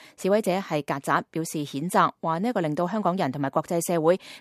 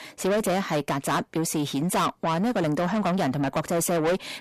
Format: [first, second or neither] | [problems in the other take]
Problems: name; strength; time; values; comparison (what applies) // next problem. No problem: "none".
first | distortion; heavy; 6 dB below the speech